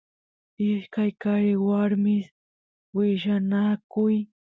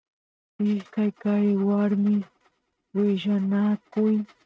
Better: first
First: none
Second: noise reduction (neural mask model RNNoise)

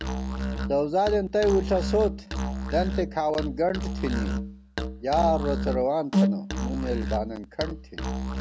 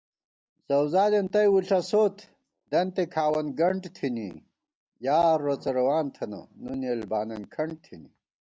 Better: second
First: background sound (Musical instrument); 2 dB below the speech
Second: none

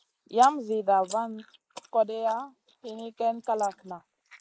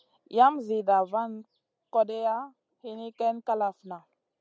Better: second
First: noise reduction (neural mask model Resemble Enhance denoiser)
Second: none

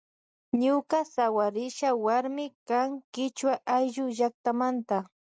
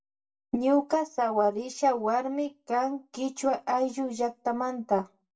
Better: first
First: none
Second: room echo; dies away in 0.2 s

